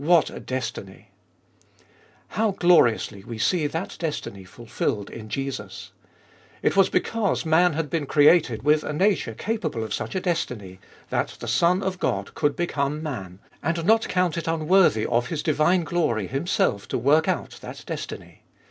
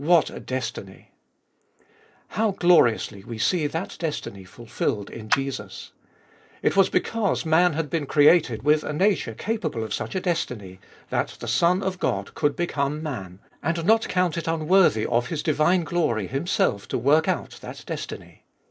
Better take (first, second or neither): first